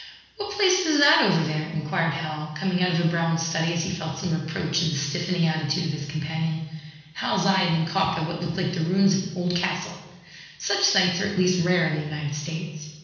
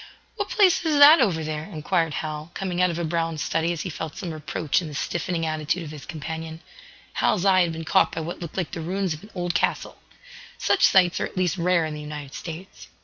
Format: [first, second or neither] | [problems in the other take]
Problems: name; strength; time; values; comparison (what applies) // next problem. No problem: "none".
second | room echo; dies away in 1.1 s